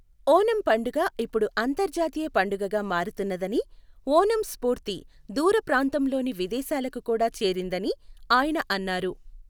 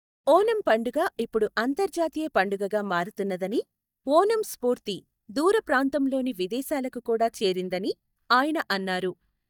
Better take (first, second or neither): first